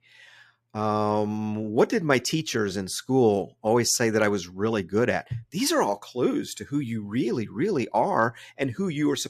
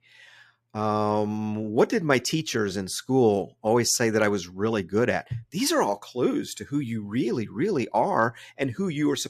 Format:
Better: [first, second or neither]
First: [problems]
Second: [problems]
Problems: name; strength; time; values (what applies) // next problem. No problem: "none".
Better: neither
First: none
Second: none